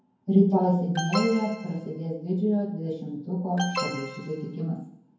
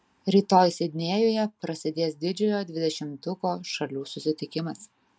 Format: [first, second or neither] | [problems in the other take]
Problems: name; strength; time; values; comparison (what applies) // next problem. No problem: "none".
second | background sound (Alarm); 9 dB below the speech // room echo; dies away in 0.9 s